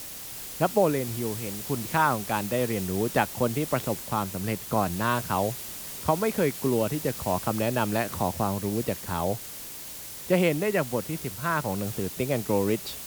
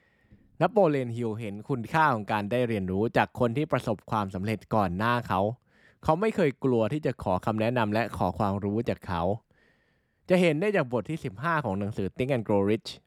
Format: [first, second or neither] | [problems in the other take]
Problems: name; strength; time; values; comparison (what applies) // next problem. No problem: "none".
second | hiss; loud; throughout; 8 dB below the speech